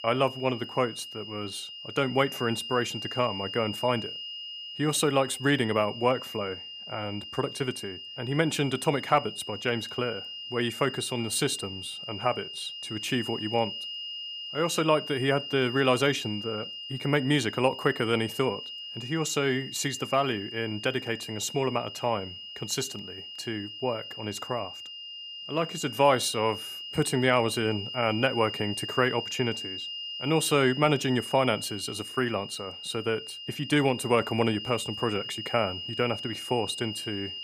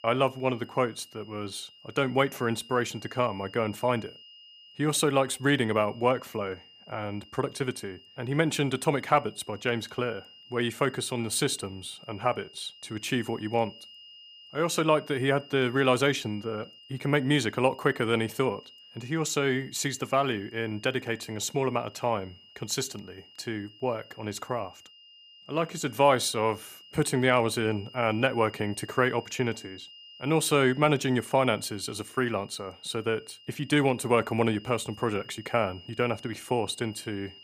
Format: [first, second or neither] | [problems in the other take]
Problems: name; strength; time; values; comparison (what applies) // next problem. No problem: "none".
second | high-pitched whine; loud; throughout; 3 kHz, 8 dB below the speech; faint in the second